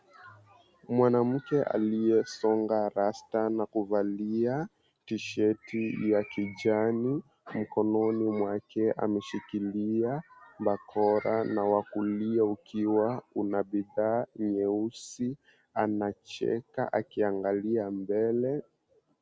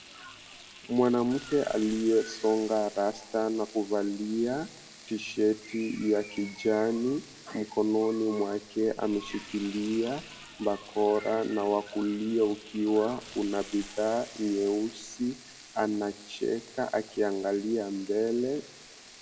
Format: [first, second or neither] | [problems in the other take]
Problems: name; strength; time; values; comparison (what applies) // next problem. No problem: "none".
first | background sound (Frying (food)); 19 dB below the speech // room echo; dies away in 0.3 s